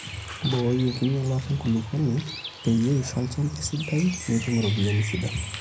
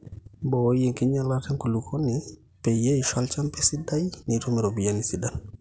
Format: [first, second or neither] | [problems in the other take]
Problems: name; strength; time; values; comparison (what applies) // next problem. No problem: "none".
second | background sound (Bird); 13 dB below the speech // room echo; dies away in 0.4 s